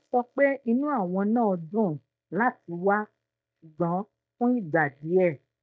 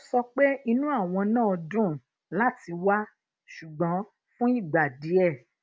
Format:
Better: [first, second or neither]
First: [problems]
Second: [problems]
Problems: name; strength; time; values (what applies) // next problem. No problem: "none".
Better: second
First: noise reduction (neural mask model DeepFilterNet 3)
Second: none